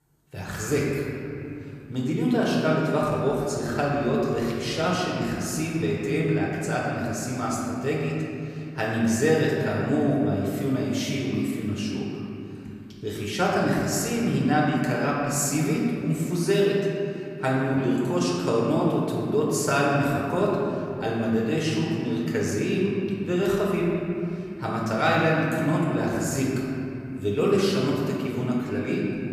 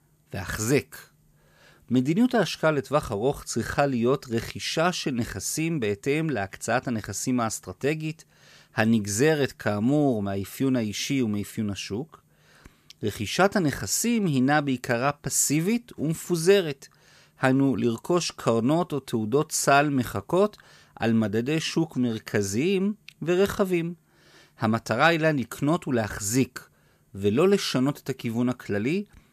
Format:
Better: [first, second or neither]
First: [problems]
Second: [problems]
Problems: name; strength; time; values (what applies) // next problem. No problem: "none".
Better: second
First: off-mic speech; far // room echo; noticeable; dies away in 2.9 s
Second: none